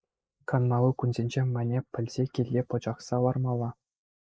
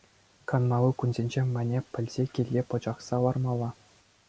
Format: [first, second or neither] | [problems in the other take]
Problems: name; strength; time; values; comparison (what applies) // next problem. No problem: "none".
second | noise reduction (neural mask model Resemble Enhance denoiser)